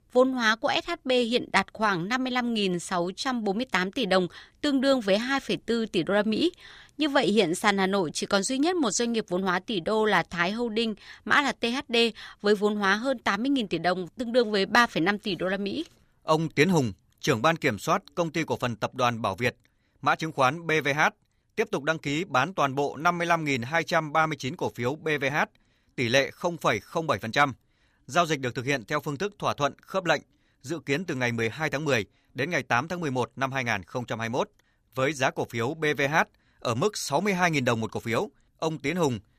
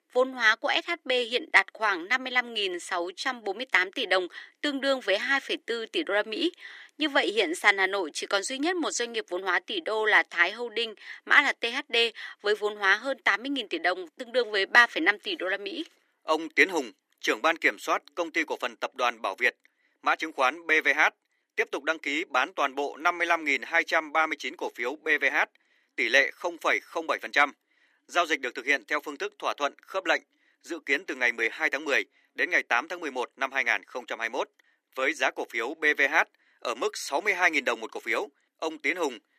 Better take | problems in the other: first | thin; somewhat; fading below 300 Hz

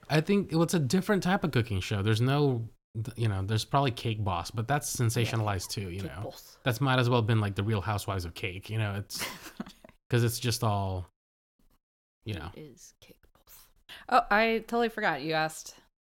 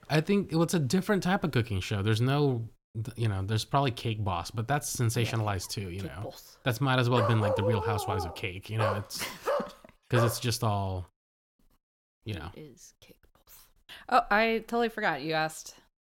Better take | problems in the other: first | dog barking; noticeable; from 7 to 10 s; peak level with the speech

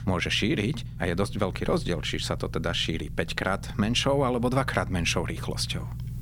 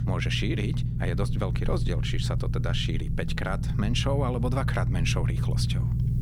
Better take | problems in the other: first | low rumble; loud; throughout; 8 dB below the speech; faint in the first

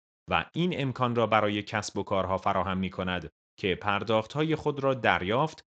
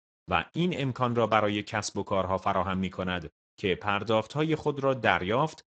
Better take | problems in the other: first | garbled, watery; badly; nothing above 8 kHz; slightly in the first

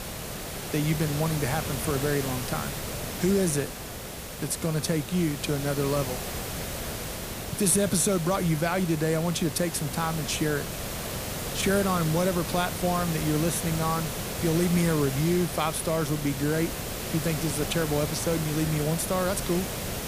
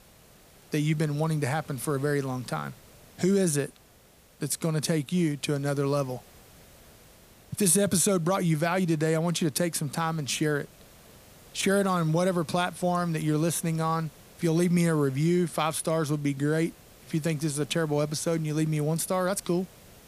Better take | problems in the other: second | hiss; loud; throughout; 6 dB below the speech; faint in the second

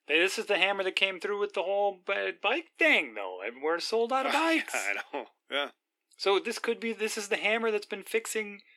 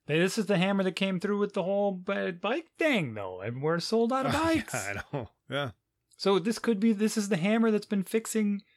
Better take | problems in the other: second | thin; somewhat; fading below 300 Hz

